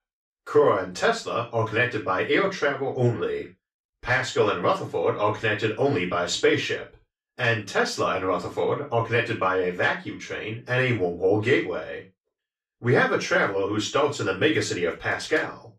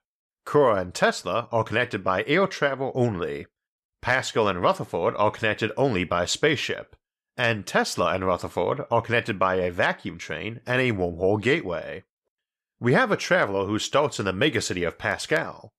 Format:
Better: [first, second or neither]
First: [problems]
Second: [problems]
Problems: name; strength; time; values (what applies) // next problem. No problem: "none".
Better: second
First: room echo; slight; dies away in 0.2 s // off-mic speech; far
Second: none